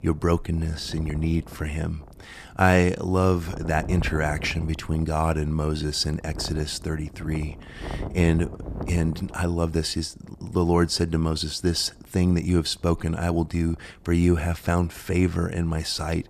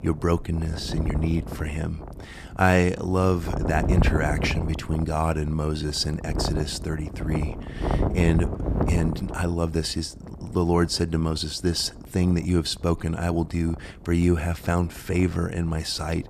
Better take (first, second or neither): first